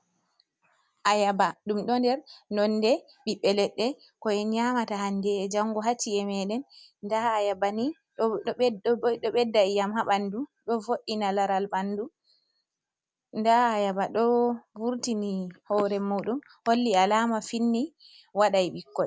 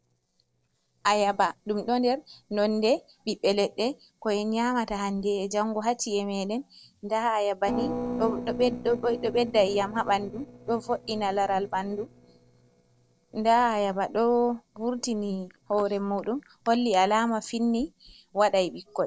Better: first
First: none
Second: noise reduction (neural separator model SepFormer DNS4)

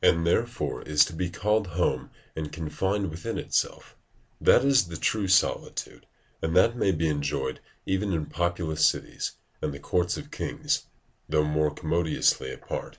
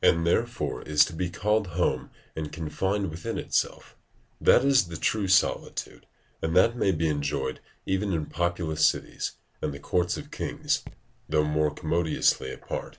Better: first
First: none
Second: background sound (Raindrop / Drip); 20 dB below the speech

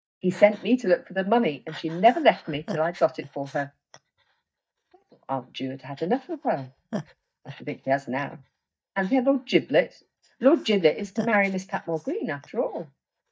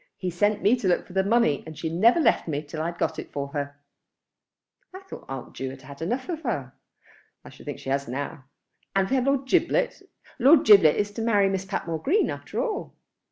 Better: second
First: noise reduction (neural mask model DeepFilterNet 3)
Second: none

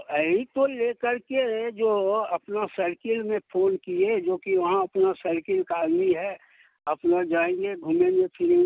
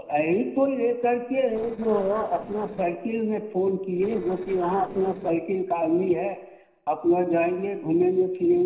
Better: first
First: none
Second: noise reduction (neural separator model SepFormer DNS4)

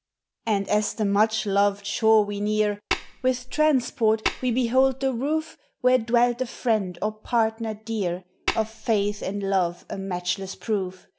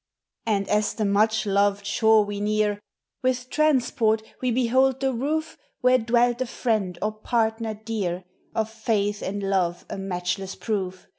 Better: second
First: background sound (Tap); 8 dB below the speech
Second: none

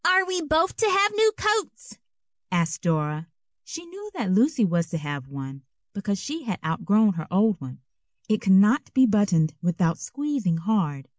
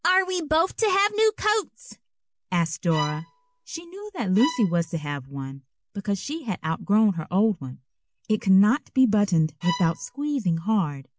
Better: first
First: none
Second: background sound (Bowed string instrument); 12 dB below the speech

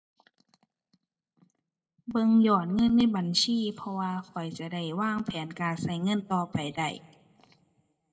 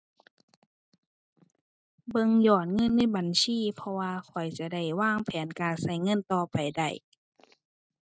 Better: second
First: room echo; dies away in 0.2 s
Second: none

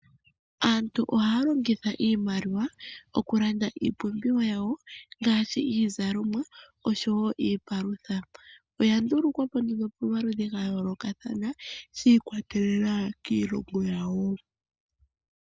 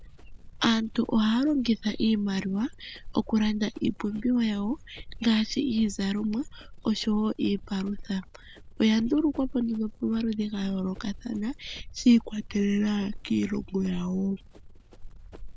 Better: first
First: none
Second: background sound (Run); 15 dB below the speech

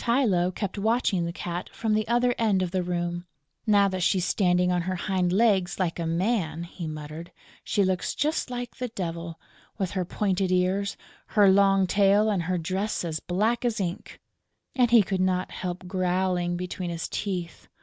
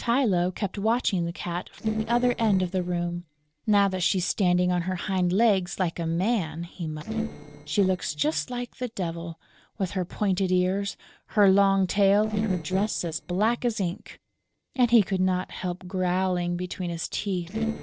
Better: first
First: none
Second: noise reduction (neural separator model SepFormer DNS4)

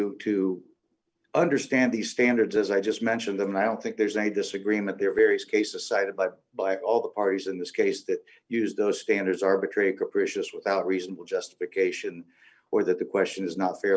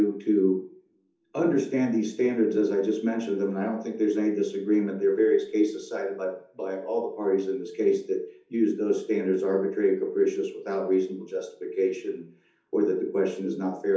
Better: first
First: none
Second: room echo; dies away in 0.6 s

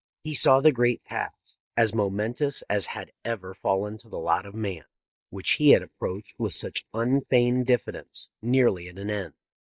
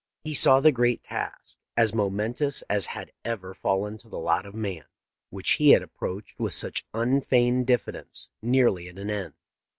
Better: second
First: noise reduction (neural mask model Resemble Enhance denoiser)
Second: none

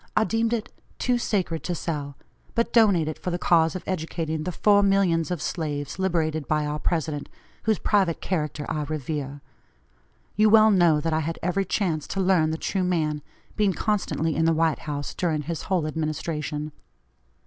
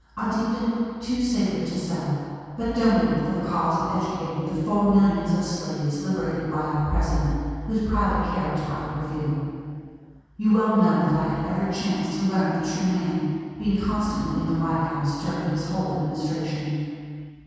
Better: first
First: none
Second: room echo; dies away in 2.1 s

